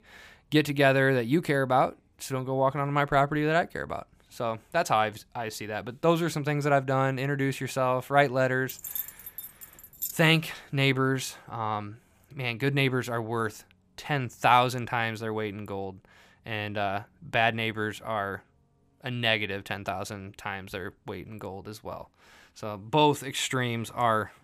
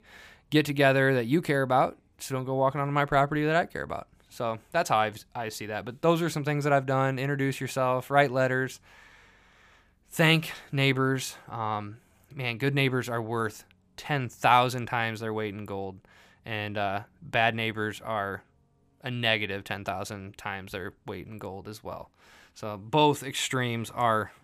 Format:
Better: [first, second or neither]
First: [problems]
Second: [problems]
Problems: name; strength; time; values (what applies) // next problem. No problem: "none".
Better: second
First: jangling keys; noticeable; from 8.5 to 10 s; peak 6 dB below the speech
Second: none